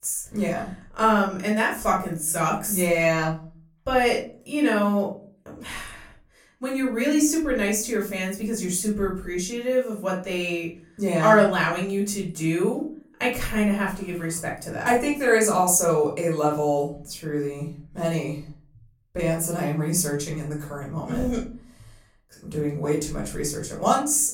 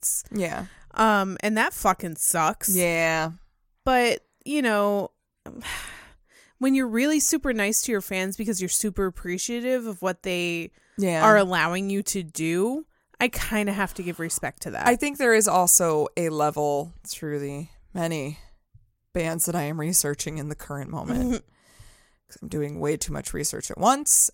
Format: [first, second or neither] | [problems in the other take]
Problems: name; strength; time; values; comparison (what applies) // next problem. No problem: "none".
second | off-mic speech; far // room echo; slight; dies away in 0.4 s